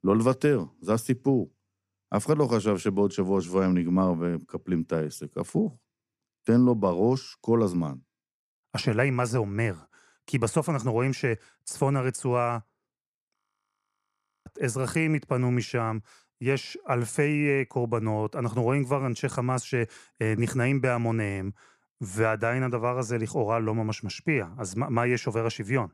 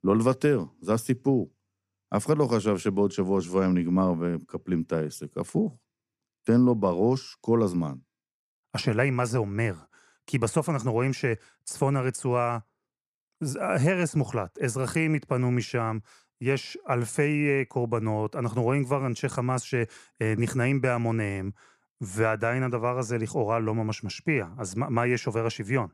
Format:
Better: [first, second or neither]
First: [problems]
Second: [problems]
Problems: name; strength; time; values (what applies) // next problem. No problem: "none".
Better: second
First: audio freezing; at 13 s for 1 s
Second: none